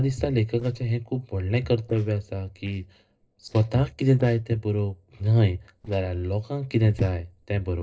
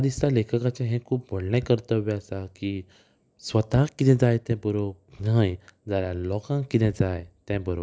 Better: second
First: noise reduction (neural separator model SepFormer DNS4)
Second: none

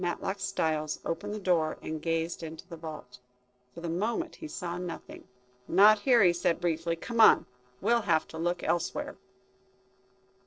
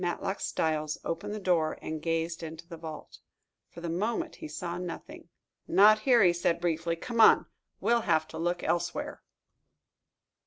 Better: second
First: noise reduction (neural separator model SepFormer DNS4)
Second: none

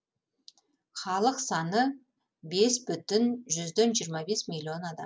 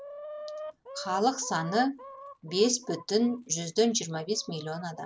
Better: first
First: none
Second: background sound (Chicken, rooster); 15 dB below the speech

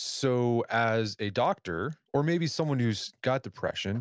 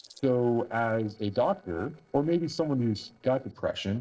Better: first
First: none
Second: noise reduction (neural separator model SepFormer DNS4)

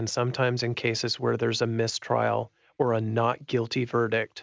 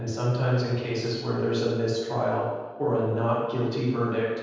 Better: first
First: none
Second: room echo; dies away in 1.2 s

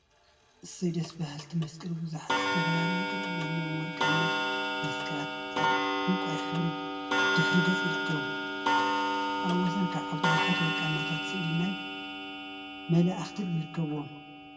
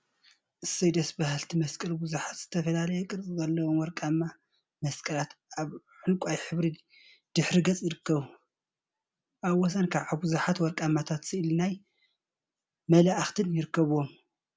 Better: second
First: background sound (Clock); 2 dB above the speech // room echo; dies away in 1.2 s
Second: none

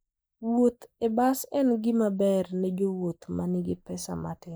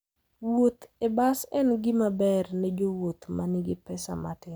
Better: second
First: noise reduction (neural mask model Resemble Enhance denoiser)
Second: none

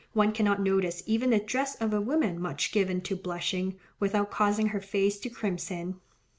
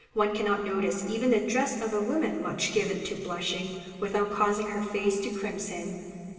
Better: first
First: none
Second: room echo; dies away in 2.6 s

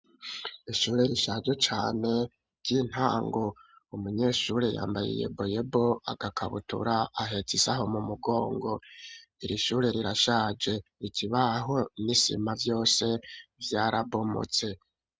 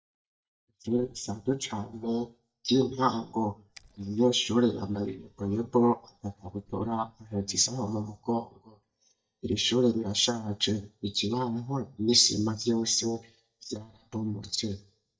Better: first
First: none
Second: noise reduction (neural mask model DeepFilterNet 3)

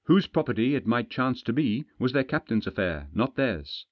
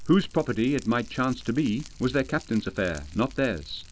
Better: first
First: none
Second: background sound (Fire); 16 dB below the speech

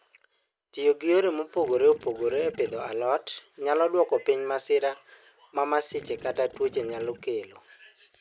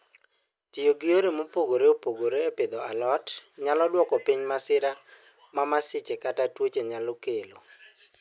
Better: second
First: background sound (Gurgling / Liquid); 20 dB below the speech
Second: none

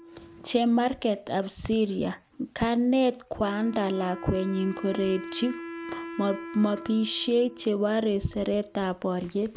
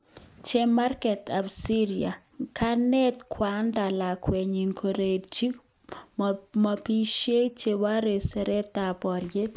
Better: second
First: background sound (Wind instrument, woodwind instrument); 15 dB below the speech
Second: none

